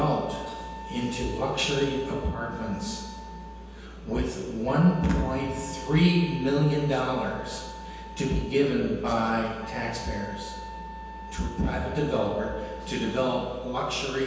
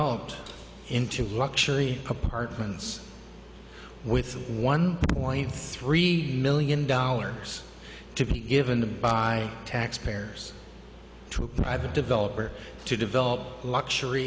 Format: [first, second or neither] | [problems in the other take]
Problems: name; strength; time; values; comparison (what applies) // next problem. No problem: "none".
second | background sound (Wind instrument, woodwind instrument); 15 dB below the speech // room echo; dies away in 1.2 s